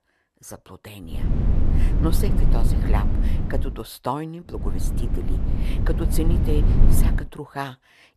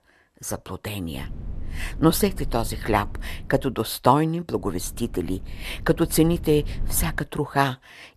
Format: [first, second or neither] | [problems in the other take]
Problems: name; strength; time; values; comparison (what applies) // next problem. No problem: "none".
second | low rumble; loud; from 1 to 3.5 s and from 4.5 to 7 s; 3 dB below the speech; faint in the second